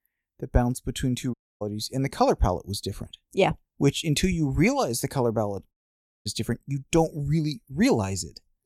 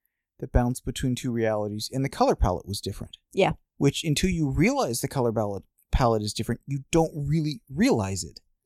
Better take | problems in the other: second | audio cutting out; at 1.5 s and at 5.5 s for 0.5 s

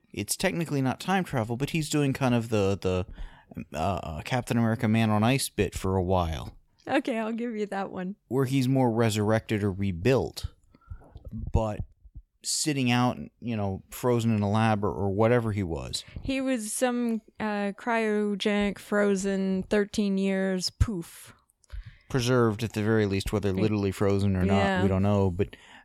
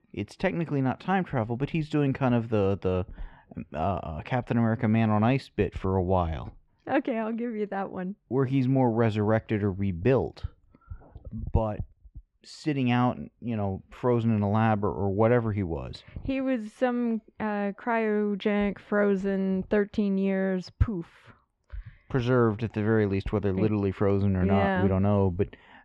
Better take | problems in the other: first | muffled; very; fading above 2 kHz

